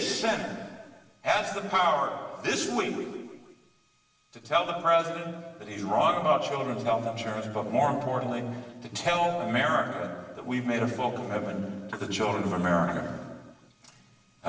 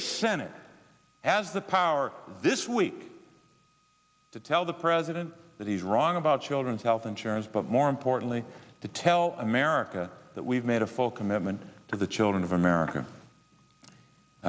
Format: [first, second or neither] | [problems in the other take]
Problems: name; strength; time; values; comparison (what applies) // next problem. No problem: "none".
second | room echo; dies away in 1.3 s